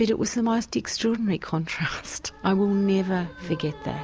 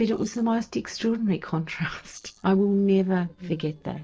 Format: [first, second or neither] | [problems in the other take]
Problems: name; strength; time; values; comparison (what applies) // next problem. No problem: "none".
first | noise reduction (neural separator model SepFormer DNS4)